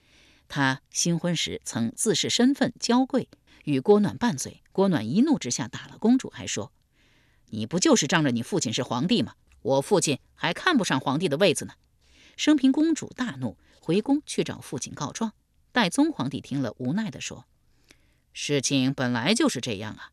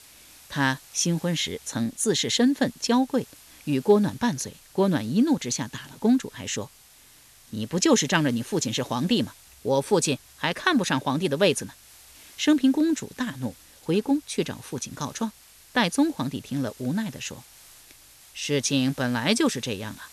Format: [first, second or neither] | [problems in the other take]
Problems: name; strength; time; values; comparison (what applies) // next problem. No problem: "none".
first | hiss; faint; throughout; 25 dB below the speech